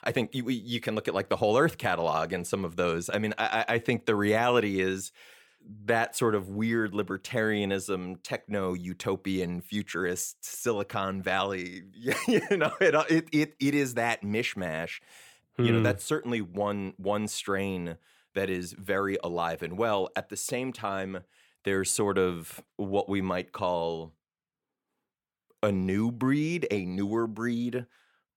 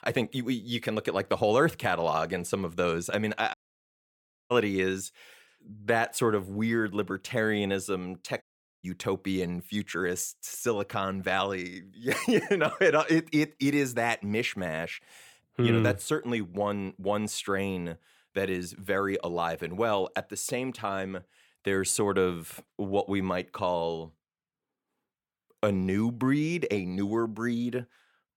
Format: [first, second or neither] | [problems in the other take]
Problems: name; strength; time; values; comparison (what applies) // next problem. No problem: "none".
first | audio cutting out; at 3.5 s for 1 s and at 8.5 s